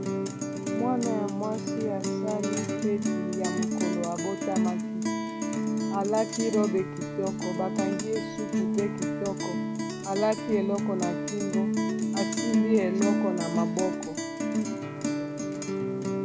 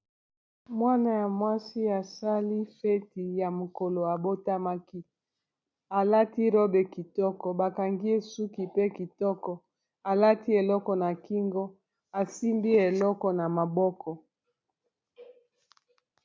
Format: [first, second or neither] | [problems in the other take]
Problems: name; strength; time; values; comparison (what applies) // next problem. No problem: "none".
second | background sound (Guitar); 3 dB above the speech